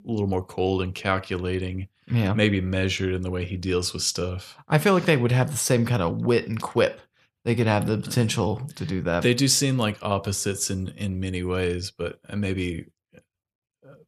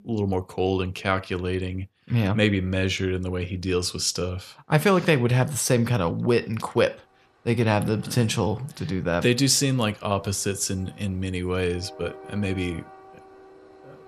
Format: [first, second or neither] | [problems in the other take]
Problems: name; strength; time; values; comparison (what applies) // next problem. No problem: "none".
first | train or aircraft noise; faint; throughout; 25 dB below the speech